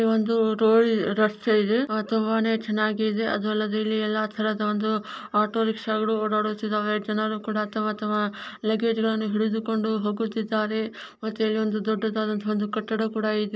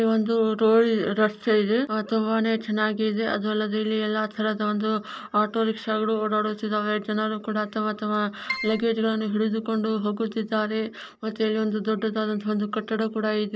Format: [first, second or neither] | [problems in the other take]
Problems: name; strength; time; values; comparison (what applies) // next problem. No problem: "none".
first | background sound (Keyboard (musical)); 6 dB below the speech